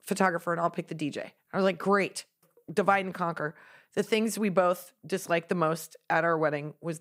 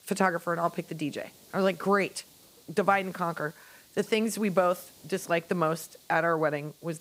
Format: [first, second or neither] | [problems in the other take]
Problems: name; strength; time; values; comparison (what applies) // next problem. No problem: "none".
first | hiss; faint; throughout; 25 dB below the speech